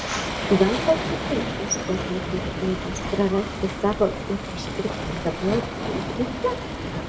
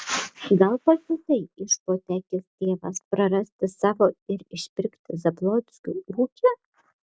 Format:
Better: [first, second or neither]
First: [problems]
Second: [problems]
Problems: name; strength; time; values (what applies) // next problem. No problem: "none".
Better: second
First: background sound (Waves, surf); 3 dB below the speech // room echo; dies away in 0.6 s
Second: none